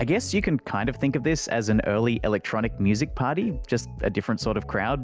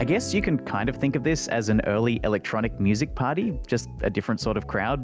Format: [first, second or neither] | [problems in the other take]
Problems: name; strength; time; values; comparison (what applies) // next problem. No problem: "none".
first | background sound (Guitar); 17 dB below the speech